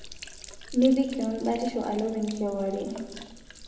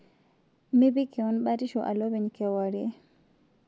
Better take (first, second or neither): second